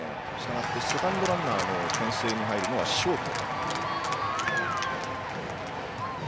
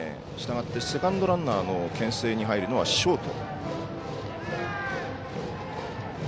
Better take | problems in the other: second | background sound (Applause / Cheering); 1 dB above the speech

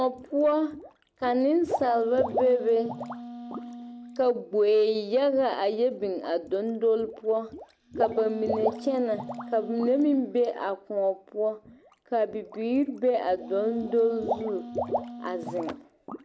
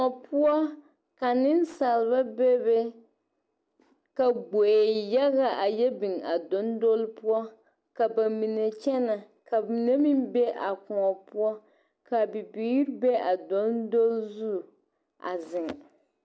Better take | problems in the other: second | background sound (Wind instrument, woodwind instrument + Water / Liquid); 10 dB below the speech

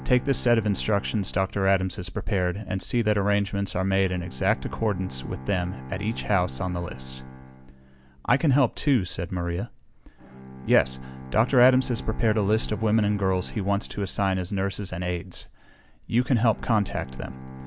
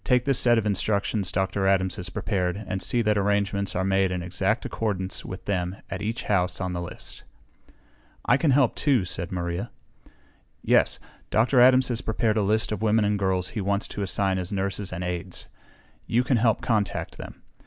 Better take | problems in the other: second | background sound (Bowed string instrument); 16 dB below the speech

